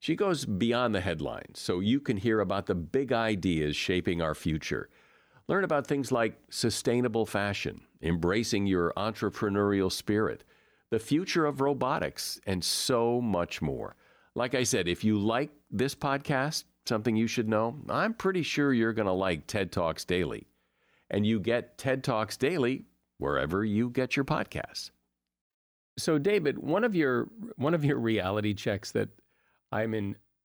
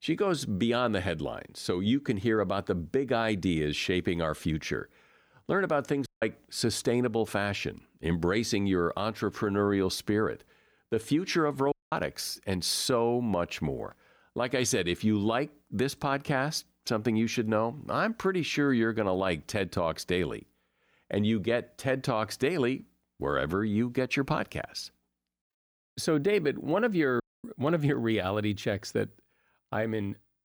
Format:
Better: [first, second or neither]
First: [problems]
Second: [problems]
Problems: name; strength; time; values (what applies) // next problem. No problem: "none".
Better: first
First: none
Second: audio cutting out; at 6 s, at 12 s and at 27 s